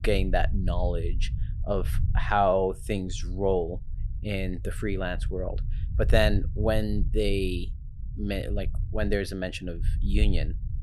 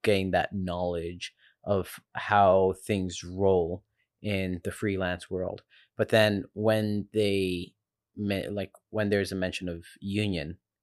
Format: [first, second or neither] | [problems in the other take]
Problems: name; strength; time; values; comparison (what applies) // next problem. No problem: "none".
second | low rumble; faint; throughout; 20 dB below the speech